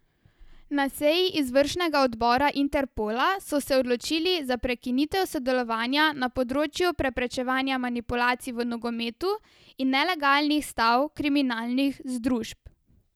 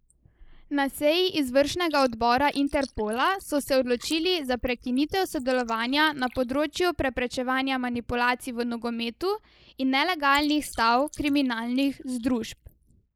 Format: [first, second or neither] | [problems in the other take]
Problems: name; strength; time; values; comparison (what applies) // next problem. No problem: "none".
first | noise reduction (neural mask model Resemble Enhance denoiser)